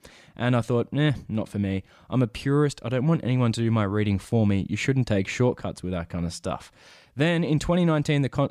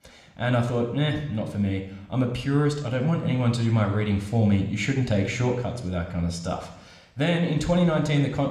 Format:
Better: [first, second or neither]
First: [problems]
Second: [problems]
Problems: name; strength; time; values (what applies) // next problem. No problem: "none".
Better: first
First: none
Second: room echo; slight; dies away in 0.9 s